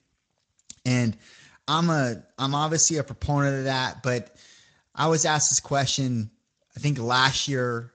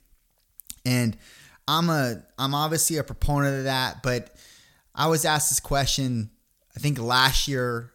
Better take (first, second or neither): second